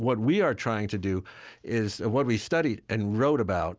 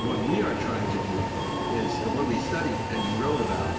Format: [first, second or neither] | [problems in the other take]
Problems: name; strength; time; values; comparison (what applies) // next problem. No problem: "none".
first | background sound (Subway, metro, underground); 1 dB above the speech // room echo; dies away in 1.4 s